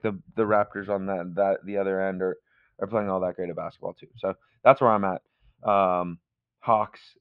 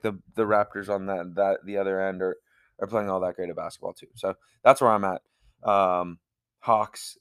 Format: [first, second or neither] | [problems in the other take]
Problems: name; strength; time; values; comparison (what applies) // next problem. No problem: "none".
second | muffled; very; fading above 3 kHz